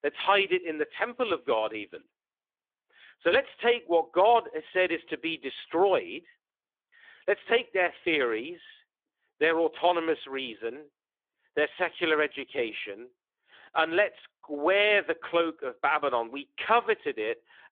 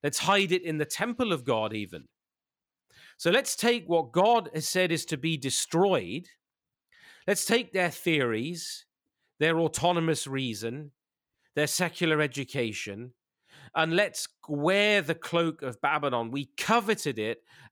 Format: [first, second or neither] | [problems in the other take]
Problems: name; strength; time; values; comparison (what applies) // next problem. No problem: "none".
second | phone-call audio; nothing above 3.5 kHz